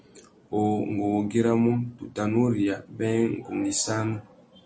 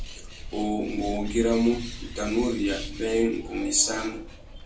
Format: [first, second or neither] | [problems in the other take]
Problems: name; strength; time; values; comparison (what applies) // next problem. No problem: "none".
first | background sound (Bird); 10 dB below the speech // room echo; dies away in 0.2 s